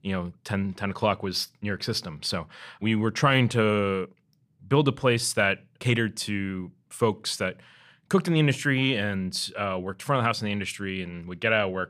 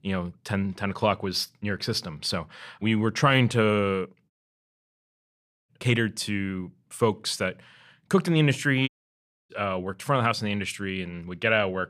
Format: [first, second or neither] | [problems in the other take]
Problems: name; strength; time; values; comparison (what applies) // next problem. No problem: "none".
first | audio cutting out; at 4.5 s for 1.5 s and at 9 s for 0.5 s